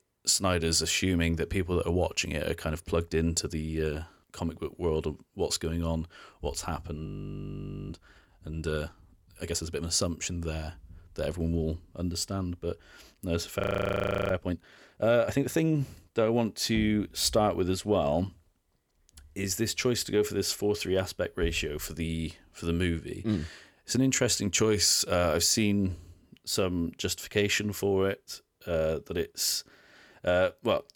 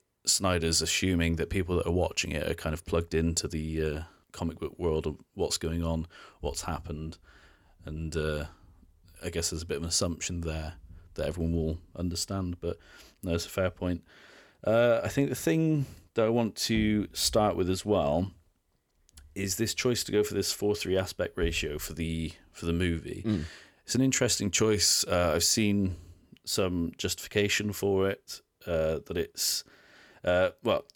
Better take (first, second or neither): second